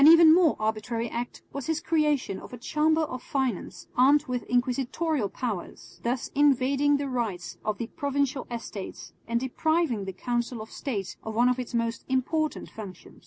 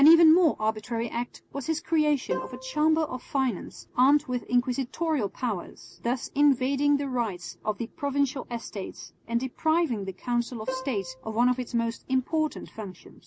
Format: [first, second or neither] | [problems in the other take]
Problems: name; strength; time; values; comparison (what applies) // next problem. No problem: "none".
first | background sound (Plucked string instrument); 13 dB below the speech